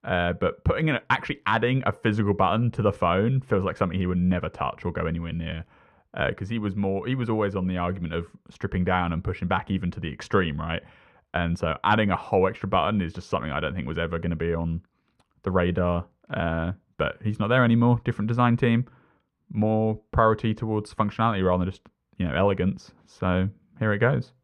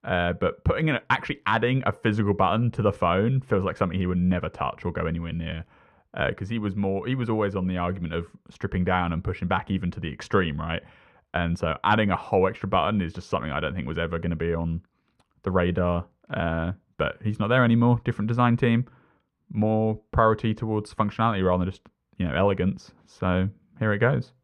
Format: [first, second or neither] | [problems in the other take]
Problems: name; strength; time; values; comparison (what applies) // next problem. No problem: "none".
neither | muffled; very; fading above 3 kHz; the same in both